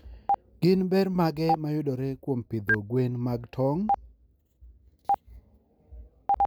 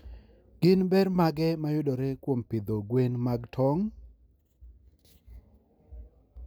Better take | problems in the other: second | background sound (Stream); 4 dB below the speech

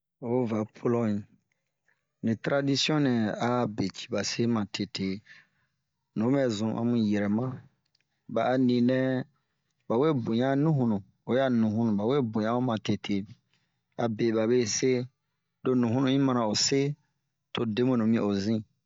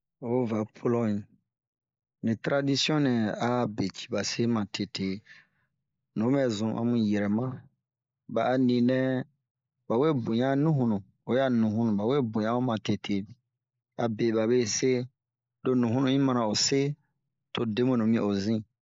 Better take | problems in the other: first | noise reduction (neural mask model Resemble Enhance denoiser)

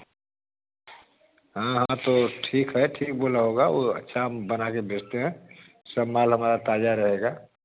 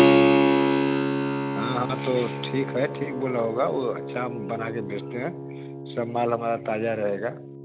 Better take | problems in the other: first | background sound (Keyboard (musical)); 4 dB above the speech

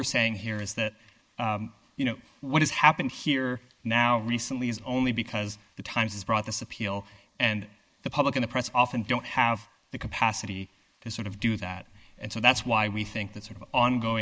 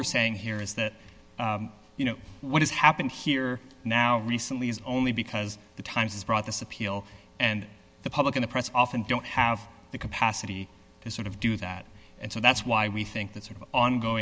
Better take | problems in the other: second | noise reduction (neural mask model Resemble Enhance denoiser)

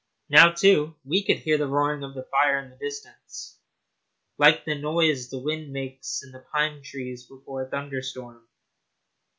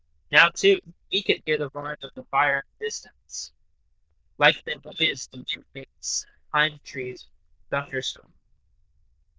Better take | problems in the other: first | noise reduction (neural diffusion model UNIVERSE++)

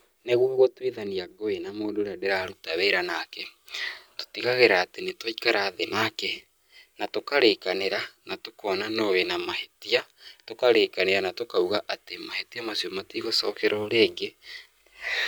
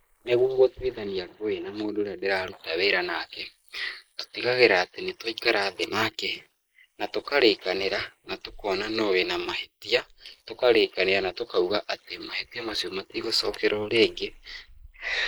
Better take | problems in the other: first | noise reduction (neural mask model Resemble Enhance denoiser)

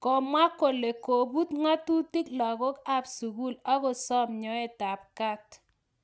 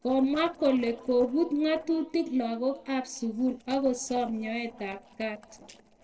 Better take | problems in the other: first | noise reduction (neural separator model SepFormer DNS4)

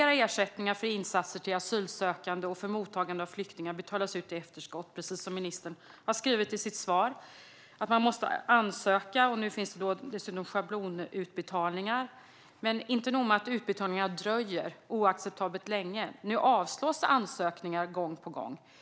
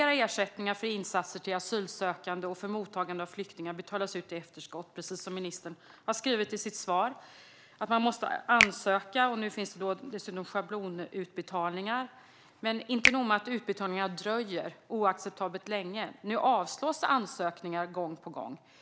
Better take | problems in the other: first | background sound (Finger snapping); 2 dB below the speech

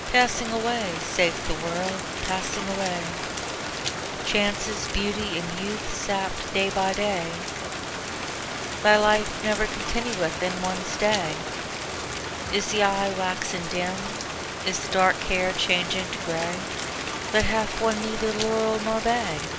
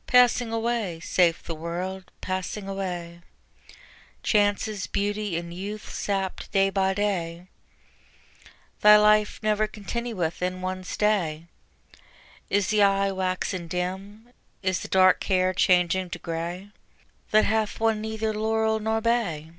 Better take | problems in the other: second | background sound (Rain); 4 dB below the speech

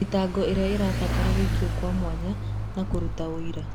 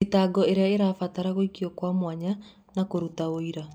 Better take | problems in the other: second | background sound (Mechanisms / Bicycle); 1 dB above the speech

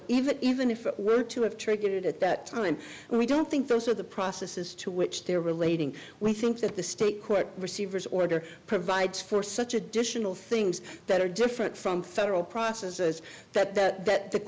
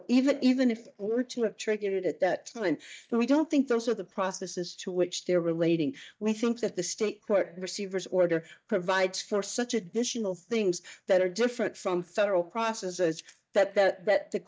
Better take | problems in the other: first | noise reduction (neural mask model DeepFilterNet 3)

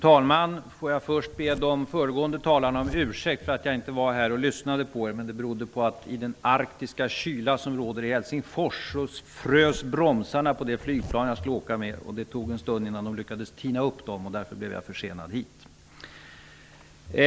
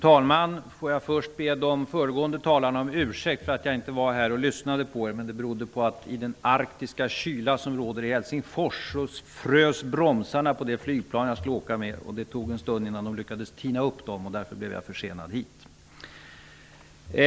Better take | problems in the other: second | background sound (Zipper (clothing)); 15 dB below the speech

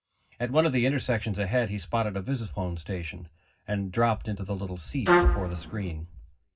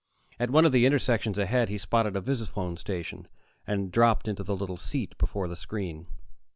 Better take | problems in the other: second | background sound (Trumpet); 3 dB above the speech // room echo; dies away in 0.4 s

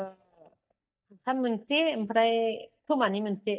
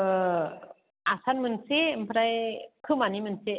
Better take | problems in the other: second | noise reduction (neural mask model DeepFilterNet 3)

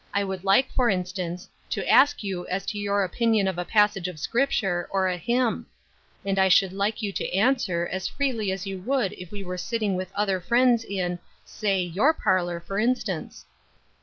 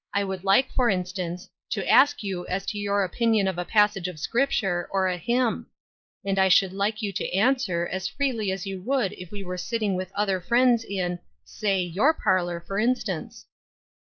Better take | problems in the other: first | noise reduction (neural mask model Resemble Enhance denoiser)

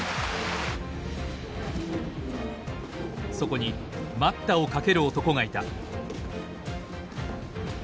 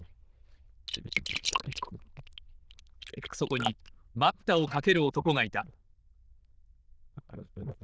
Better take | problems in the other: first | noise reduction (neural diffusion model UNIVERSE++)

